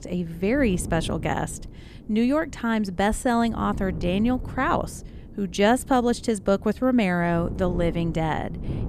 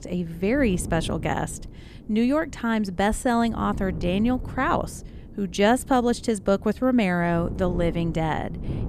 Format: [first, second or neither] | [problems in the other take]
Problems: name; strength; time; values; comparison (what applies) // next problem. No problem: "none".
neither | wind noise on the microphone; occasional gusts; 20 dB below the speech; the same in both